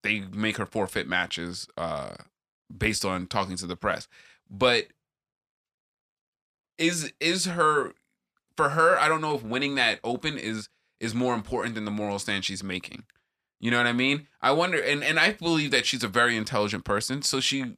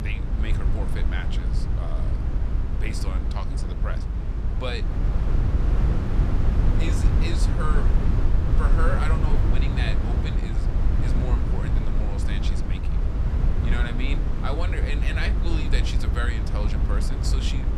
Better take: first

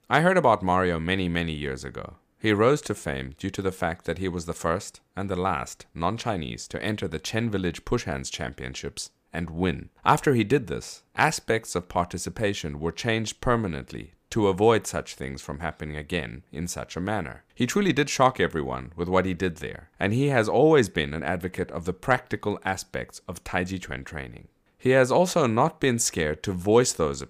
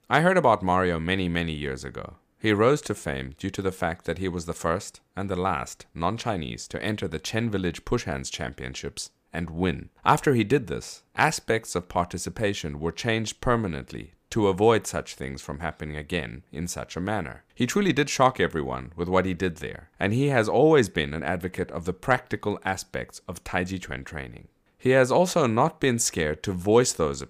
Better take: neither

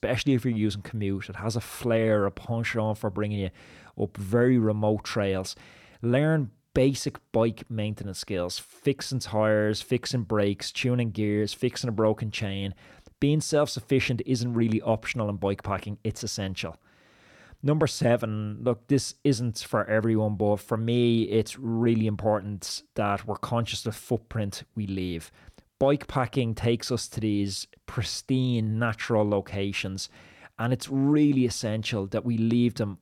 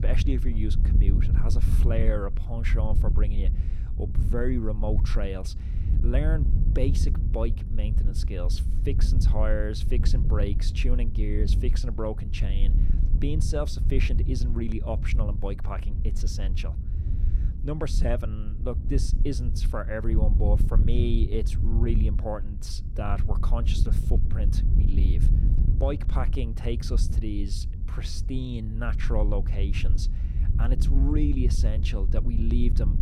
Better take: first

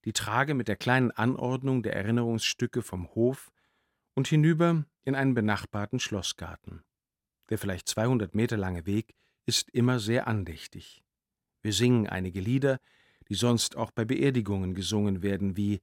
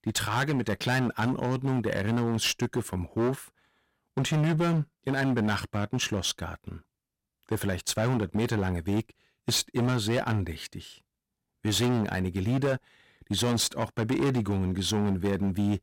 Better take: first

